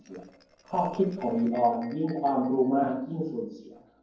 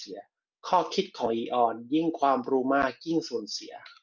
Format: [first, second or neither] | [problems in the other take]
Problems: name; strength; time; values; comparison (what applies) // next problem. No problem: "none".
second | noise reduction (neural separator model SepFormer DNS4)